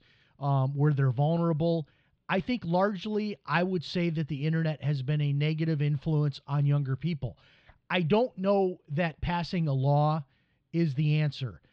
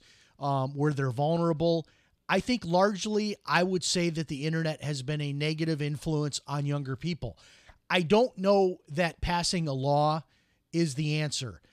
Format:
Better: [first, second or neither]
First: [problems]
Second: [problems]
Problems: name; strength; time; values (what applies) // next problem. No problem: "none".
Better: second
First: muffled; slightly; fading above 3.5 kHz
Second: none